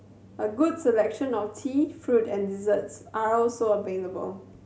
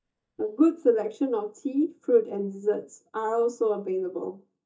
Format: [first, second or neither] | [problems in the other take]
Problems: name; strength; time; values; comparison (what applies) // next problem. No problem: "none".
first | noise reduction (neural mask model DeepFilterNet 3)